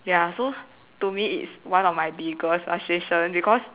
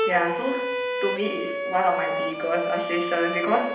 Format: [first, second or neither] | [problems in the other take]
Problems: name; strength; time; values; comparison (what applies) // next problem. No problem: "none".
first | background sound (Bowed string instrument); 2 dB below the speech // room echo; dies away in 0.8 s